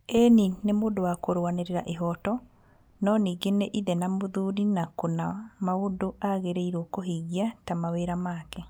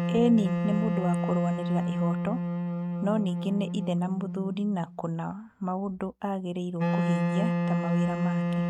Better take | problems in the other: first | noise reduction (neural mask model RNNoise)

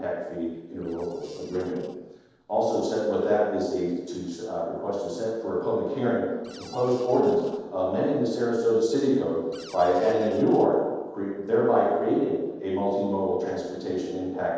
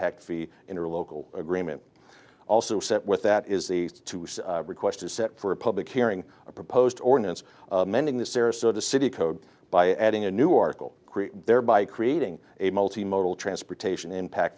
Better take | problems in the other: second | noise reduction (neural separator model SepFormer DNS4)

